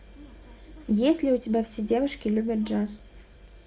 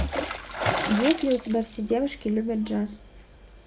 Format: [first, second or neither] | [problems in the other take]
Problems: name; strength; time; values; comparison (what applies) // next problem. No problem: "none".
first | background sound (Water / Splash, splatter); 6 dB below the speech